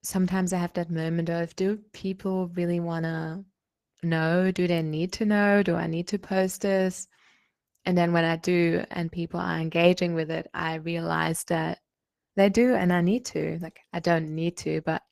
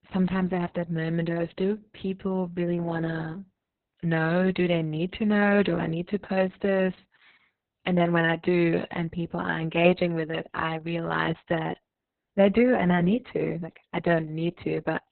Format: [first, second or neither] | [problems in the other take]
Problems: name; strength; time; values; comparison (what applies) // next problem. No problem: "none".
first | garbled, watery; badly; nothing above 4 kHz; slightly in the first